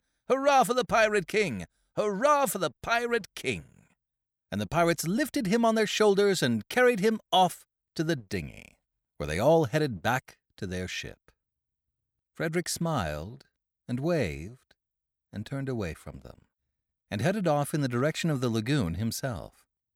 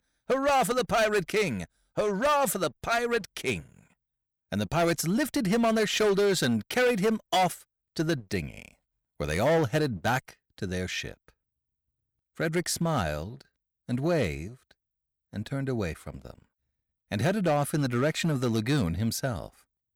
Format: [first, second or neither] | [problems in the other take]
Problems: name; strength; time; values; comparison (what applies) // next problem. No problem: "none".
first | distortion; slight; 7% of the sound clipped